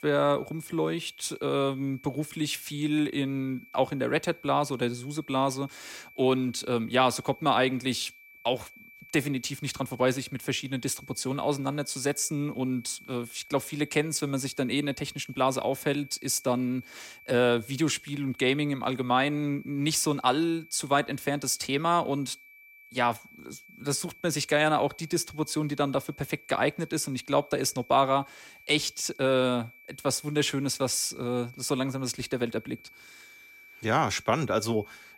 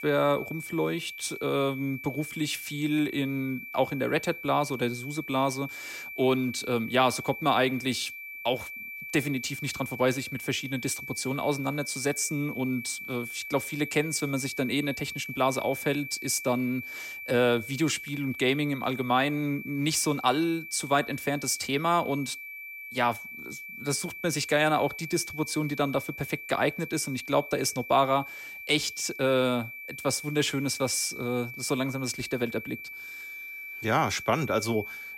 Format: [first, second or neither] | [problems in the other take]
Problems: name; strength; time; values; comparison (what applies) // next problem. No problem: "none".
first | high-pitched whine; loud; throughout; 2.5 kHz, 10 dB below the speech; faint in the first